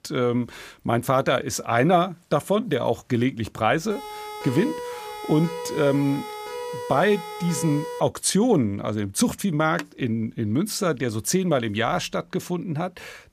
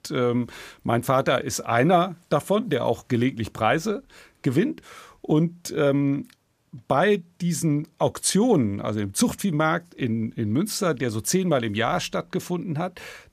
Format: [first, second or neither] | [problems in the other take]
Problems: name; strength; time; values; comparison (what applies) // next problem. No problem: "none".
second | siren; noticeable; from 4 to 8 s; peak 8 dB below the speech // phone ringing; faint; at 10 s; peak 15 dB below the speech